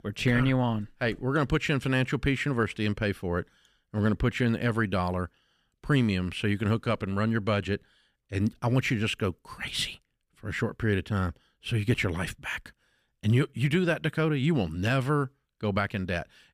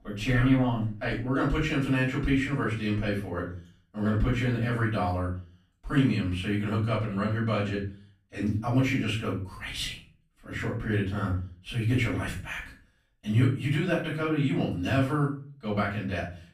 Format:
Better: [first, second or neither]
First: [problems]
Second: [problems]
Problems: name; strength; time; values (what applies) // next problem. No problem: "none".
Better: first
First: none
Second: off-mic speech; far // room echo; noticeable; dies away in 0.4 s